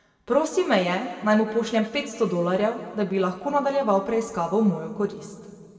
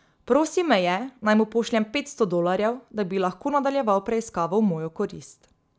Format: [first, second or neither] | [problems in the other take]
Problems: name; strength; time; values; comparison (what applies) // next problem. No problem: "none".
second | room echo; dies away in 1.8 s